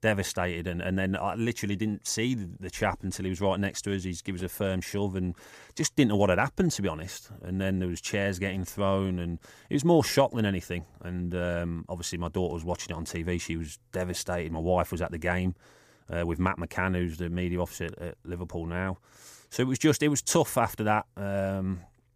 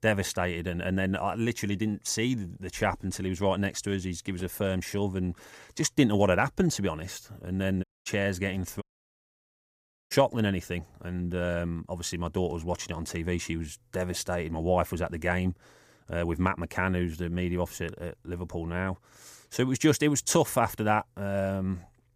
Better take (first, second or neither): first